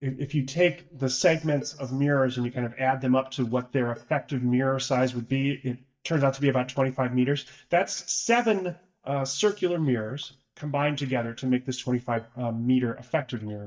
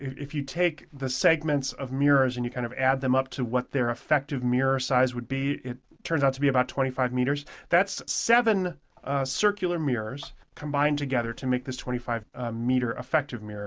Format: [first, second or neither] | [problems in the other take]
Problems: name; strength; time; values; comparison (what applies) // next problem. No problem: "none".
second | noise reduction (neural mask model DeepFilterNet 3)